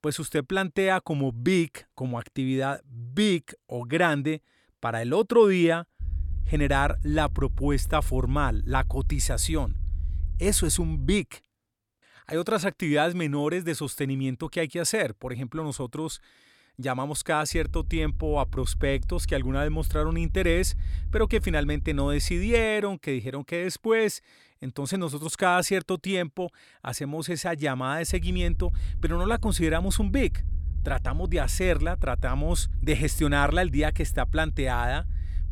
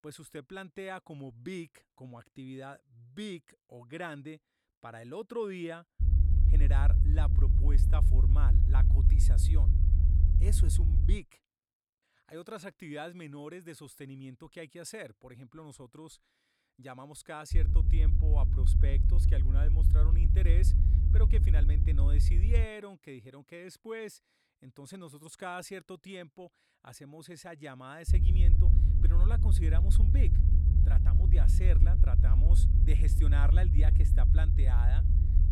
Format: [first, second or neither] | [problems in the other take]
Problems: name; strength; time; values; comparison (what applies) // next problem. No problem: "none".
first | low rumble; loud; from 6 to 11 s, from 18 to 23 s and from 28 s on; 1 dB below the speech; faint in the first